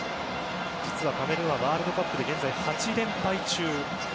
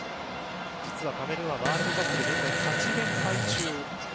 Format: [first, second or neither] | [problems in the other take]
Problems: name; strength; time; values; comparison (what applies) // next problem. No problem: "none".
first | background sound (Fart); 2 dB above the speech